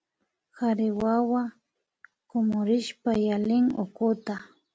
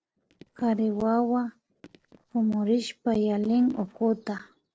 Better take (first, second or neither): first